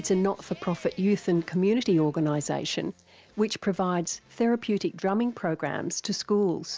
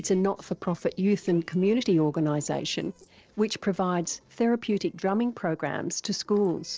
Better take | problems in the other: first | noise reduction (neural separator model SepFormer DNS4)

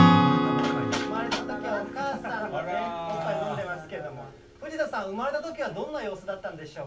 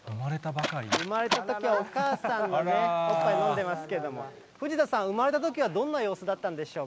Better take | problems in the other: second | background sound (Acoustic guitar / Strum); 3 dB above the speech // room echo; dies away in 0.2 s

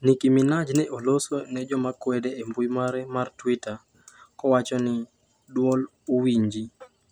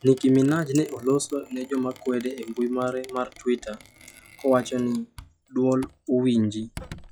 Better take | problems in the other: first | noise reduction (classical method log-MMSE)

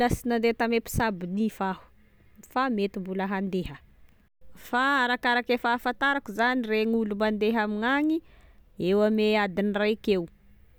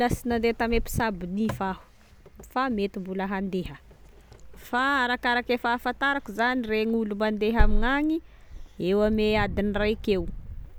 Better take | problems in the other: first | background sound (Wind); 5 dB below the speech

